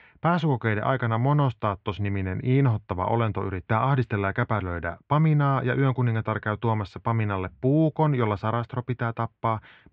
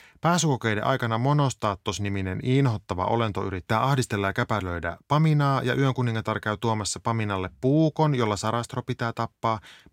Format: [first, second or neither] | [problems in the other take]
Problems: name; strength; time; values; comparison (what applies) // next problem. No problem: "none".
second | muffled; very; fading above 3 kHz